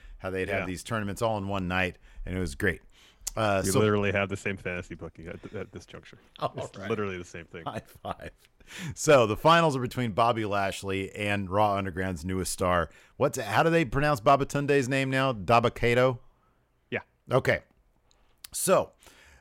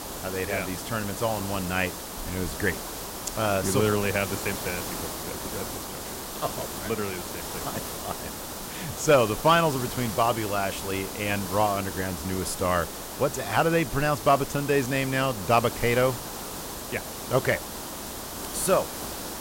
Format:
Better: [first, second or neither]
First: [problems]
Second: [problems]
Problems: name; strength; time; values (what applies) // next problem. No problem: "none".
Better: first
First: none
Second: hiss; loud; throughout; 7 dB below the speech